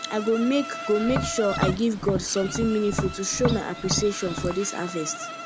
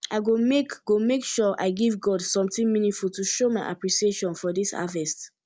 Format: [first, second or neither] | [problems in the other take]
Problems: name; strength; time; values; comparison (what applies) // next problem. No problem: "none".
second | background sound (Insect + Tap); 5 dB below the speech